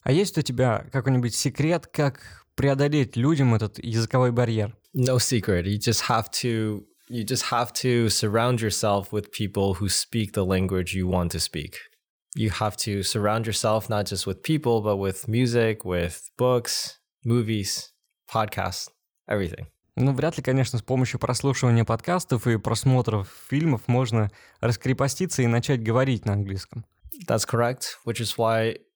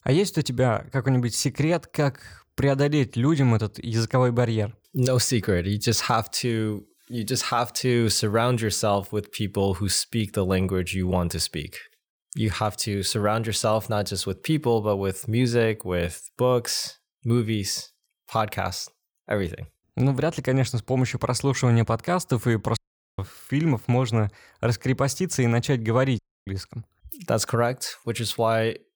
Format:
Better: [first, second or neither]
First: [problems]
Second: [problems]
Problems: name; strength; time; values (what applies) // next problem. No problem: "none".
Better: first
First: none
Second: audio cutting out; at 23 s and at 26 s